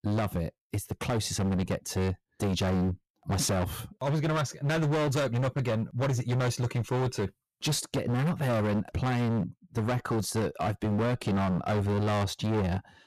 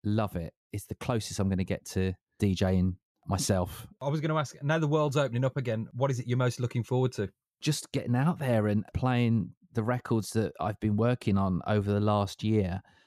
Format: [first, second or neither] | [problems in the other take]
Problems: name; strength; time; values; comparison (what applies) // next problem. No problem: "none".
second | distortion; heavy; 26% of the sound clipped